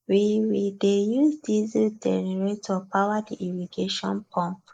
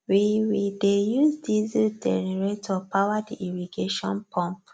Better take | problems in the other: second | noise reduction (neural mask model Resemble Enhance denoiser)

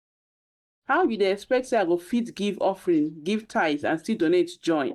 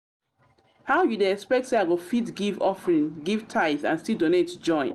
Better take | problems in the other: second | noise reduction (neural mask model DeepFilterNet 3)

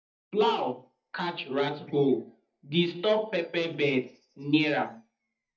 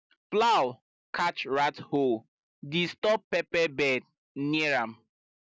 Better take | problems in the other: second | noise reduction (neural mask model DeepFilterNet 3)

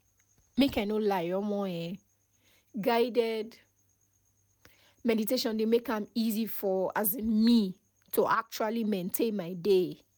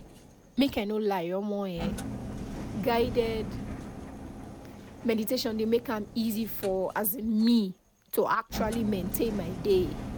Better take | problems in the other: first | background sound (Engine); 9 dB below the speech

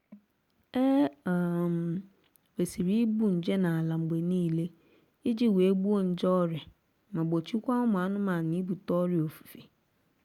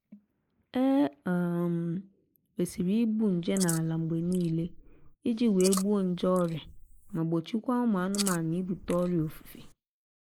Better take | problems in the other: first | noise reduction (neural mask model Resemble Enhance denoiser)

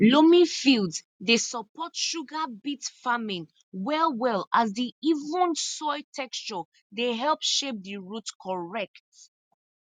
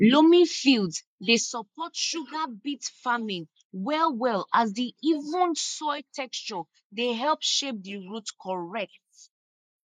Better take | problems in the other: first | noise reduction (neural mask model Resemble Enhance denoiser)

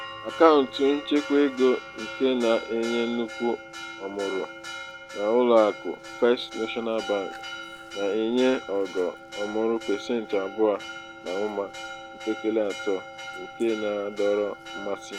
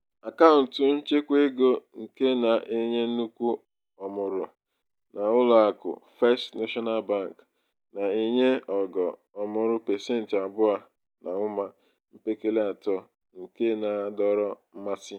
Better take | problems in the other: second | background sound (Church bell); 12 dB below the speech

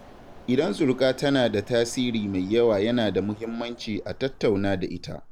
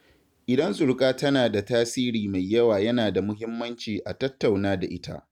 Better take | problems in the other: second | background sound (Mechanisms); 18 dB below the speech

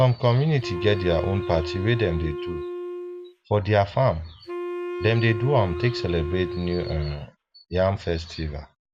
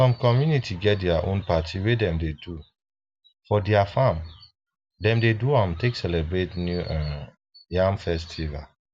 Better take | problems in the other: second | background sound (Wind instrument, woodwind instrument); 8 dB below the speech

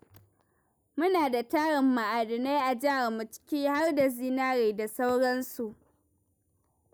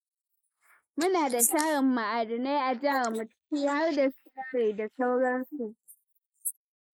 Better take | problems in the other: first | noise reduction (neural mask model Resemble Enhance denoiser)

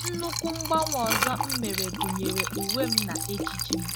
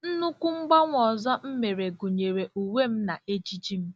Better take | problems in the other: second | background sound (Liquid); 2 dB above the speech

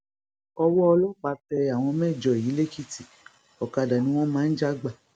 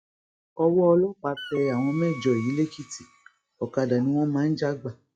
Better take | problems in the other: first | noise reduction (classical method log-MMSE)

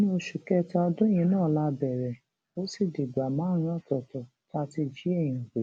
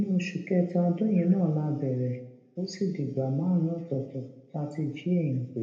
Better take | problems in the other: first | room echo; dies away in 0.7 s

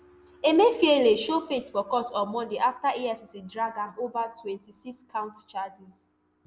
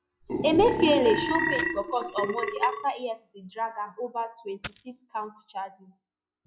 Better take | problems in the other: first | noise reduction (classical method log-MMSE)

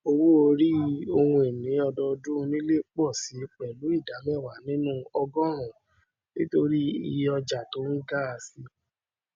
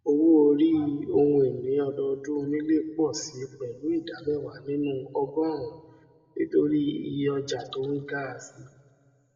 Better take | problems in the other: first | room echo; dies away in 1 s

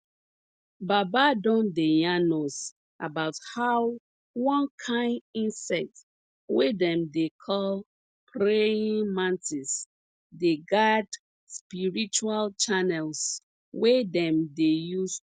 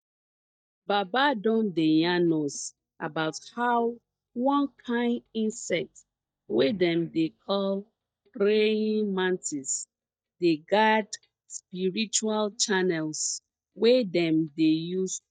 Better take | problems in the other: first | noise reduction (neural mask model DeepFilterNet 3)

